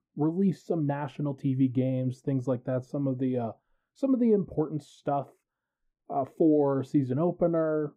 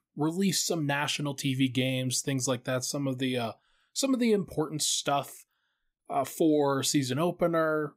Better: second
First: muffled; very; fading above 2 kHz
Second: none

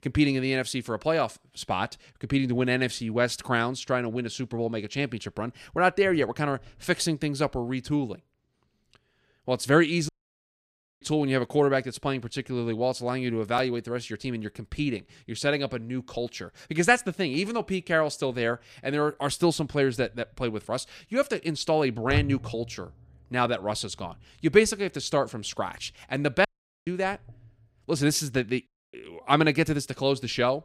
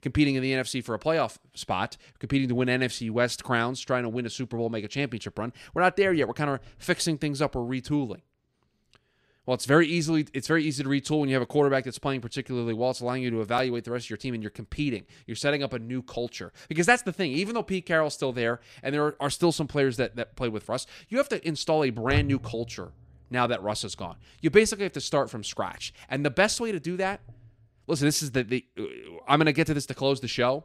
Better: second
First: audio cutting out; at 10 s for 1 s, at 26 s and at 29 s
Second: none

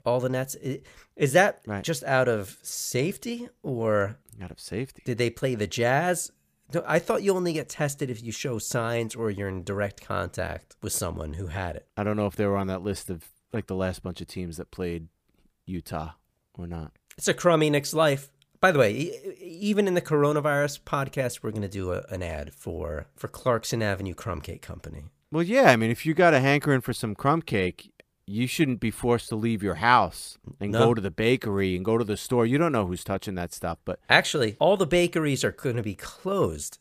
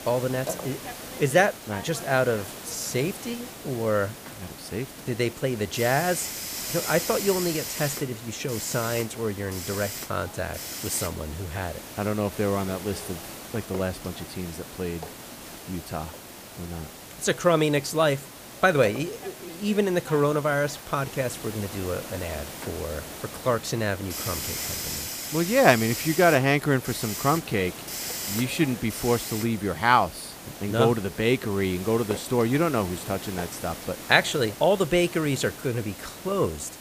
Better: first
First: none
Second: hiss; loud; throughout; 9 dB below the speech

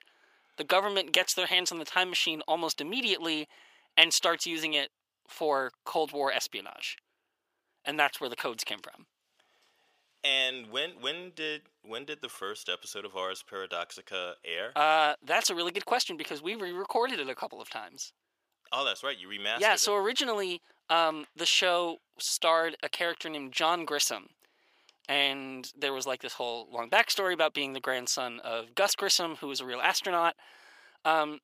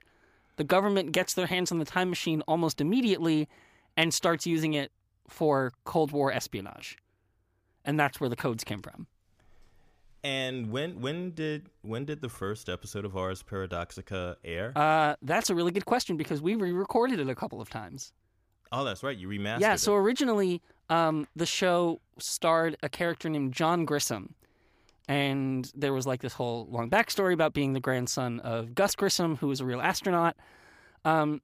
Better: second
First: thin; somewhat; fading below 550 Hz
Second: none

